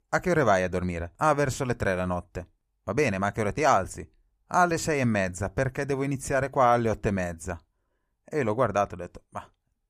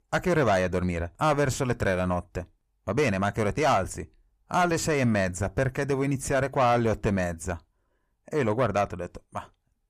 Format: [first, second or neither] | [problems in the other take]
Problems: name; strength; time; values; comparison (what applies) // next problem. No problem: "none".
first | distortion; slight; 10 dB below the speech